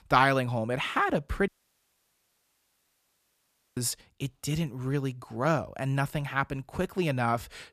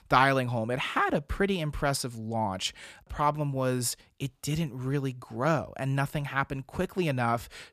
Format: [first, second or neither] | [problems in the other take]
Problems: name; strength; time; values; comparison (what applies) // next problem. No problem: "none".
second | audio cutting out; at 1.5 s for 2.5 s